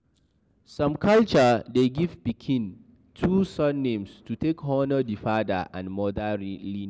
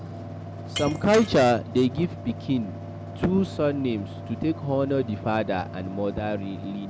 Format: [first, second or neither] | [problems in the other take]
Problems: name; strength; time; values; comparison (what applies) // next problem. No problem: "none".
first | background sound (Shatter + Mechanical fan); 10 dB below the speech